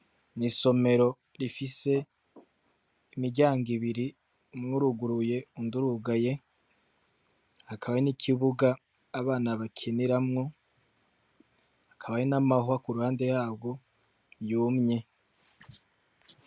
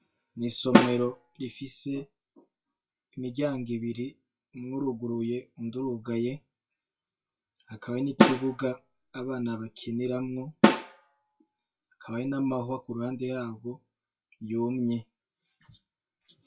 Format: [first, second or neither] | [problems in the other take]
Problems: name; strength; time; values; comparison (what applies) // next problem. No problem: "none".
first | noise reduction (classical method WPE with log-MMSE)